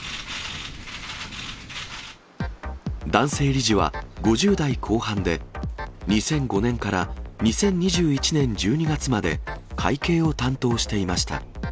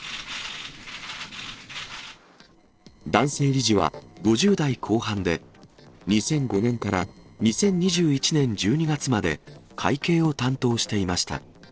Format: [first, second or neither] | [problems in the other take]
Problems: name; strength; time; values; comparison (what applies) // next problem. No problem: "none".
first | noise reduction (neural separator model SepFormer DNS4)